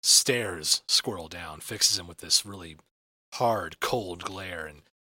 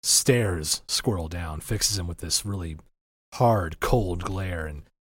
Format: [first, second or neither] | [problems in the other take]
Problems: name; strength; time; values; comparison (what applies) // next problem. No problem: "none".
second | thin; somewhat; fading below 450 Hz